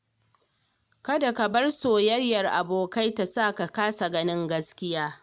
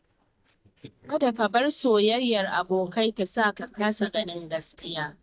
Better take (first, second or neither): first